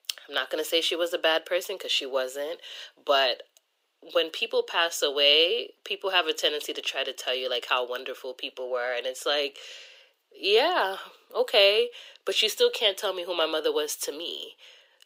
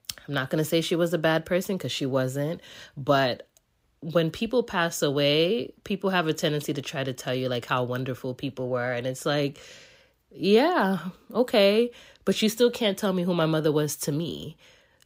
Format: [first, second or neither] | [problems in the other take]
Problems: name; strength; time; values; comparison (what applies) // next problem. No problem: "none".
second | thin; very; fading below 400 Hz